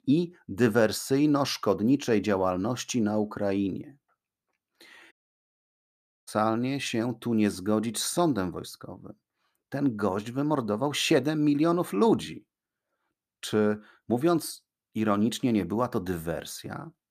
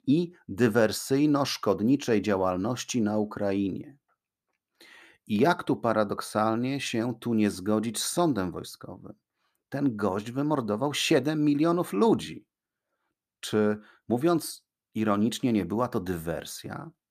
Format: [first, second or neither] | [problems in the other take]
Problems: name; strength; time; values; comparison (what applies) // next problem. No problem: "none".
second | audio cutting out; at 5 s for 1 s